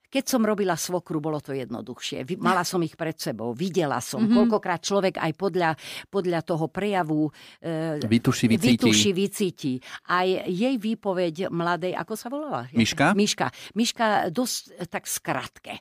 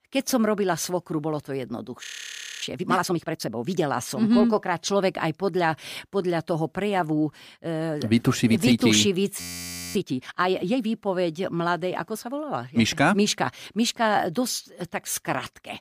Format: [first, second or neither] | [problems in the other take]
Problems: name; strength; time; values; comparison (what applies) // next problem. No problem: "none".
first | audio freezing; at 2 s for 0.5 s and at 9.5 s for 0.5 s